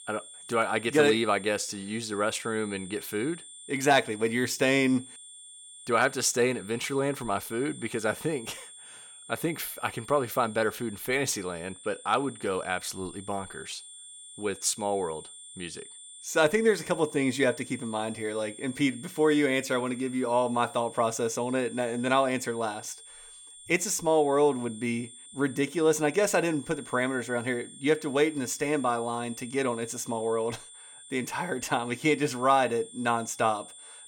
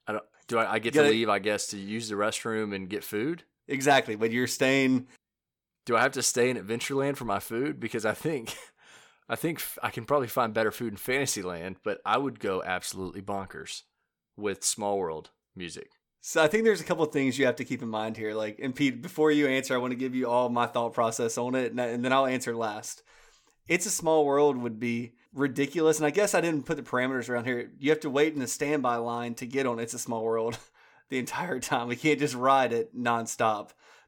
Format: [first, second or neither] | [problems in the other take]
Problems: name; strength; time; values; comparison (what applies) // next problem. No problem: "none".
second | high-pitched whine; noticeable; throughout; 9 kHz, 15 dB below the speech